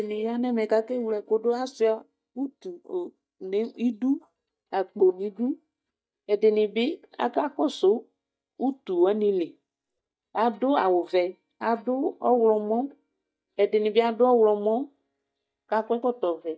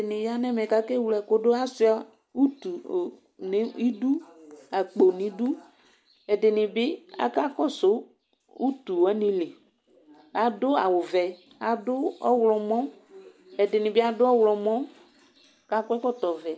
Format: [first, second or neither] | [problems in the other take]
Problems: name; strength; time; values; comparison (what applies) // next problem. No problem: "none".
second | noise reduction (neural mask model DeepFilterNet 3)